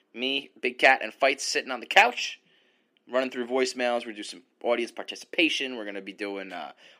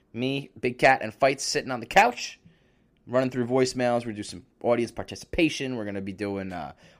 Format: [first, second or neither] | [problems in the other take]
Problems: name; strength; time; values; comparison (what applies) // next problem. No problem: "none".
second | thin; very slightly; fading below 250 Hz